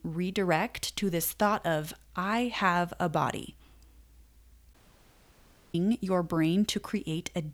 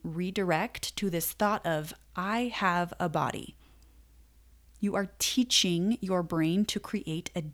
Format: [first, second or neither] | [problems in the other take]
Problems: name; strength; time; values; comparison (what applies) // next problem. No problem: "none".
second | audio cutting out; at 4.5 s for 1 s